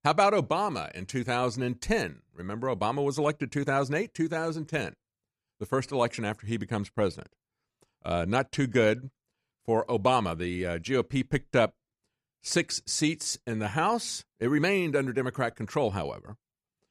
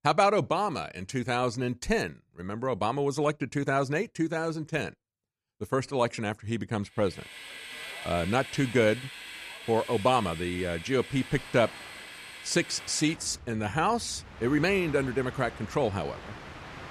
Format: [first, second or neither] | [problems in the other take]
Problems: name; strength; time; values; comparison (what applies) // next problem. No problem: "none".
first | train or aircraft noise; noticeable; from 7.5 s on; 15 dB below the speech